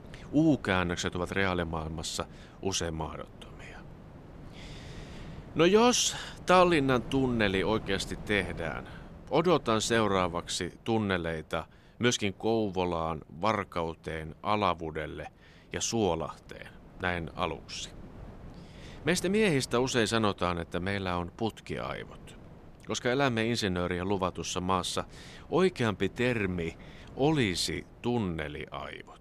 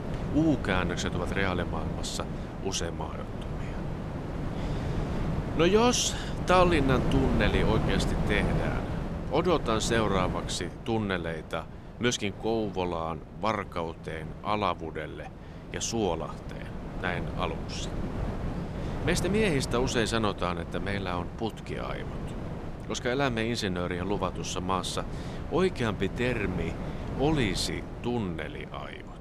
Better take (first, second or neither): first